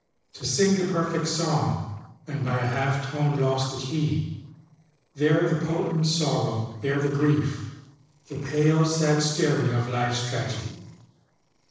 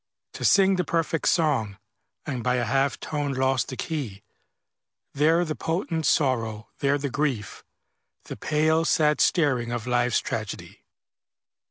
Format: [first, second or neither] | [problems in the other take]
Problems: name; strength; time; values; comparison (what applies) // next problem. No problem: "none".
second | noise reduction (neural separator model SepFormer DNS4)